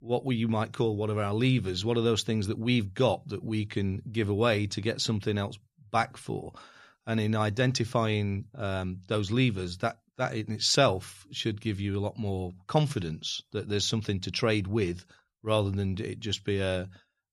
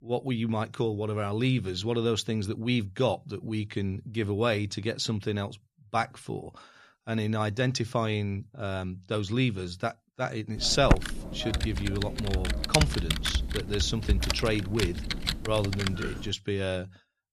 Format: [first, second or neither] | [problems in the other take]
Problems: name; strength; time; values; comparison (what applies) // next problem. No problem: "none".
first | keyboard typing; loud; from 11 to 16 s; peak 5 dB above the speech